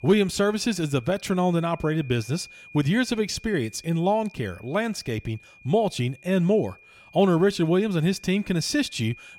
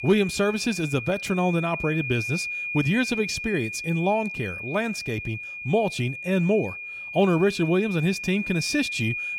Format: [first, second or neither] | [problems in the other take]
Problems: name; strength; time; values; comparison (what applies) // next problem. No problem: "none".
first | high-pitched whine; loud; throughout; 2.5 kHz, 6 dB below the speech; faint in the first